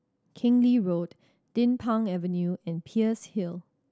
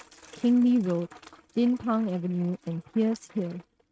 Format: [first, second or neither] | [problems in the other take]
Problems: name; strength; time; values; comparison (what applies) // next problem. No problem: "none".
first | noise reduction (neural mask model RNNoise)